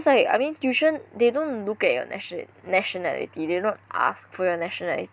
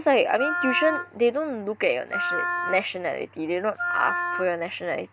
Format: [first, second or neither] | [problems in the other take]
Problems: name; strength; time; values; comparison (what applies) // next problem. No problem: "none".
first | background sound (Wind instrument, woodwind instrument); 5 dB below the speech